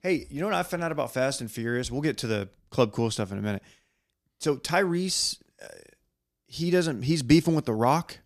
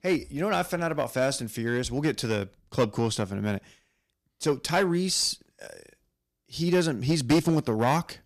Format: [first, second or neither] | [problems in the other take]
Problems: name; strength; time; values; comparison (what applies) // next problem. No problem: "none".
first | distortion; slight; 3% of the sound clipped